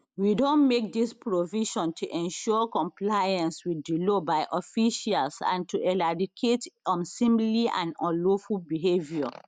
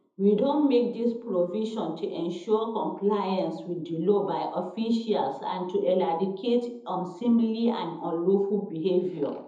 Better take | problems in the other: first | room echo; dies away in 0.7 s

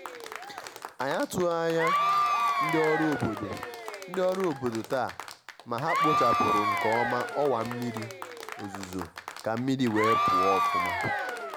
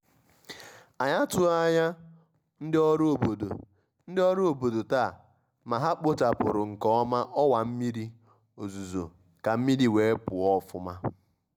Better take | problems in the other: second | background sound (Applause / Crowd / Cheering); as loud as the speech

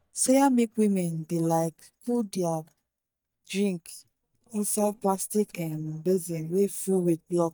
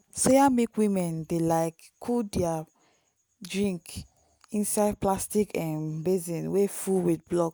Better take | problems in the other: second | noise reduction (neural mask model DeepFilterNet 3)

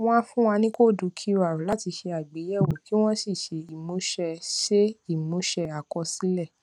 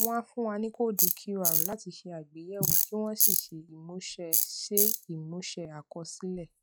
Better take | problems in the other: first | noise reduction (classical method log-MMSE)

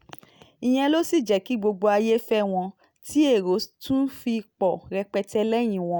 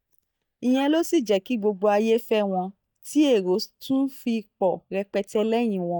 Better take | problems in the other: first | noise reduction (neural mask model DeepFilterNet 3)

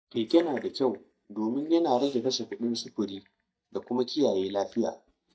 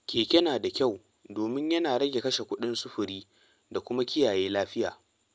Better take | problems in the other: second | noise reduction (neural mask model DeepFilterNet 3)

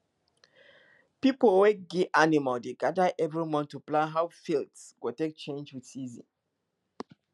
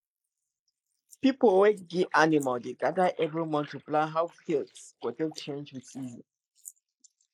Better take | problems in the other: first | noise reduction (neural mask model Resemble Enhance denoiser)

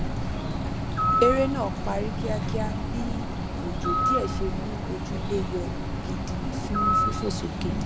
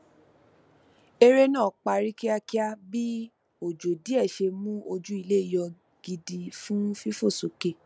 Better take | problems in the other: second | background sound (Bird); 4 dB above the speech

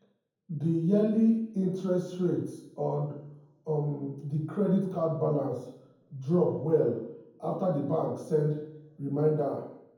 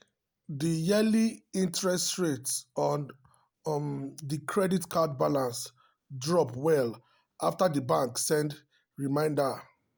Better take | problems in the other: second | room echo; dies away in 0.9 s

